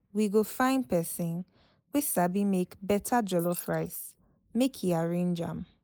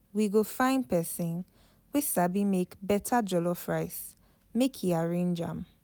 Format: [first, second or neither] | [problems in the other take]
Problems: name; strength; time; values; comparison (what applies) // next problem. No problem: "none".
second | noise reduction (neural mask model Resemble Enhance denoiser)